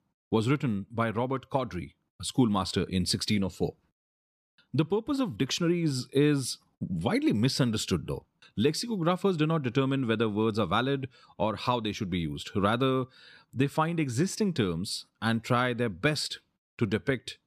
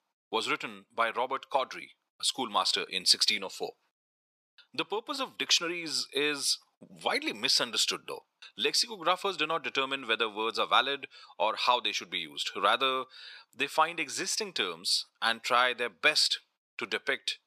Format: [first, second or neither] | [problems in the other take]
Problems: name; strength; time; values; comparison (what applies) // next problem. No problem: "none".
first | thin; very; fading below 750 Hz